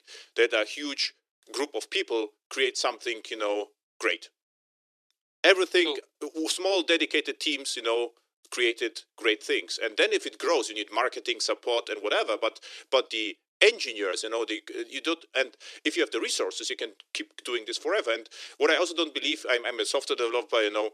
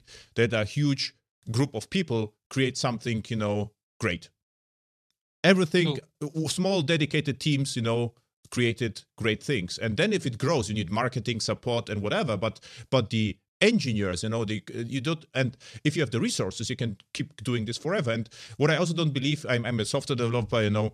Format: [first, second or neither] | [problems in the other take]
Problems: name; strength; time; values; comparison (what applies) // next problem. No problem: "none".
second | thin; very; fading below 300 Hz